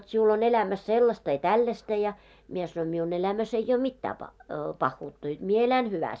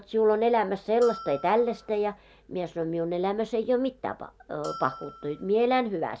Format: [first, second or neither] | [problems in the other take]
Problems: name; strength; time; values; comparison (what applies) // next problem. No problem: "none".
first | background sound (Bell); 16 dB below the speech